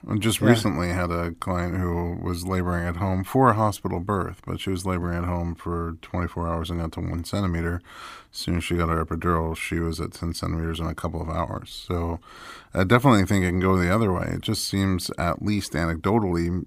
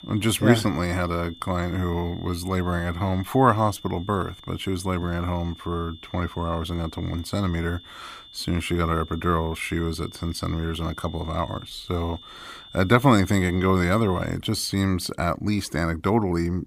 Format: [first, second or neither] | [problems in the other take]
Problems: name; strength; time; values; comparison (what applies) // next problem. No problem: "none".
first | high-pitched whine; noticeable; until 14 s; 3.5 kHz, 20 dB below the speech